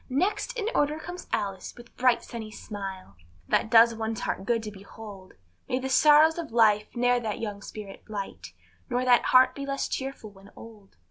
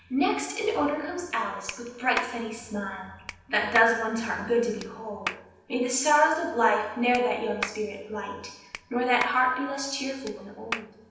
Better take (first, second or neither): first